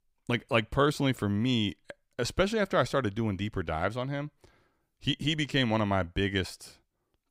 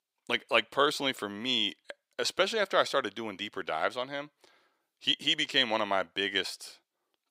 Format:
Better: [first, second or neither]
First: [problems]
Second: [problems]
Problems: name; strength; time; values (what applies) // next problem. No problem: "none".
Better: first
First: none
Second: thin; somewhat; fading below 450 Hz